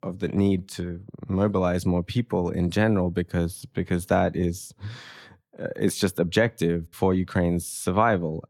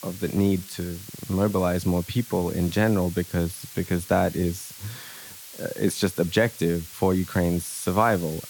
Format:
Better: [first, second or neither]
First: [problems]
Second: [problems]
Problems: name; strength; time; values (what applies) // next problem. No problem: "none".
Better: first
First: none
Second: hiss; noticeable; throughout; 15 dB below the speech